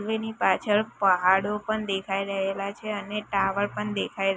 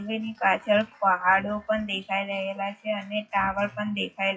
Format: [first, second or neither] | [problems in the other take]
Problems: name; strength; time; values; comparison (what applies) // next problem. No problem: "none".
first | noise reduction (classical method WPE with log-MMSE)